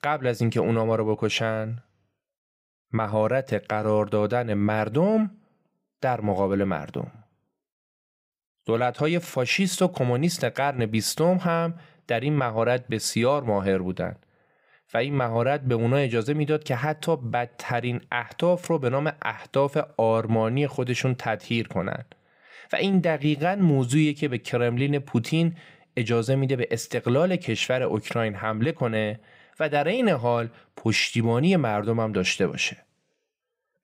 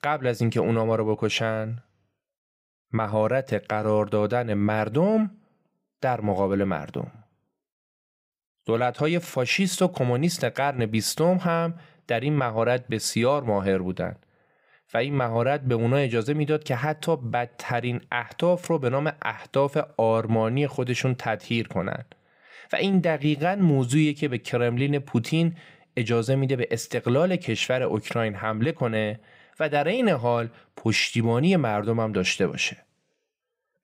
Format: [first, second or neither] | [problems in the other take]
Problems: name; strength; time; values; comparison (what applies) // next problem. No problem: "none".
neither | none